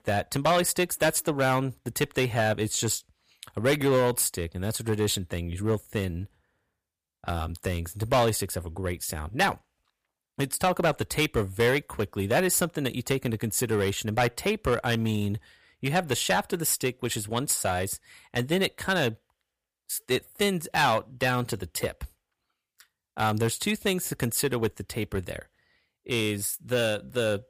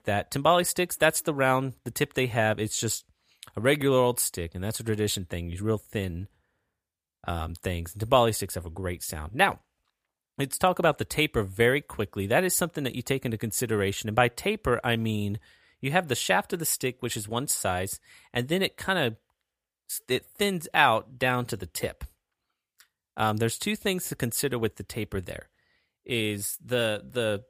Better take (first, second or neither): second